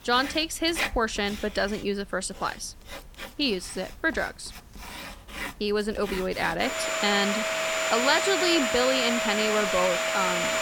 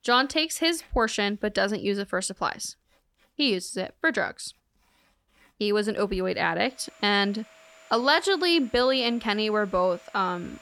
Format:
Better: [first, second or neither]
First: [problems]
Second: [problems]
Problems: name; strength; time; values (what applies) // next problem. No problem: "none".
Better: second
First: household noises; loud; throughout; 1 dB below the speech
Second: household noises; faint; throughout; 30 dB below the speech